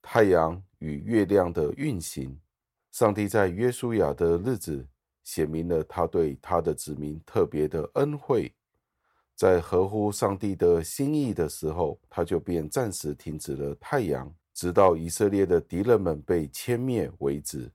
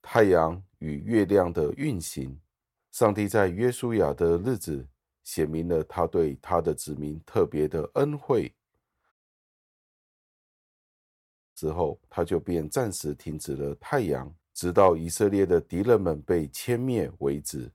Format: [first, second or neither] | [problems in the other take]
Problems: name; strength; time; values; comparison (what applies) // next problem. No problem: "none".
first | audio cutting out; at 9 s for 2.5 s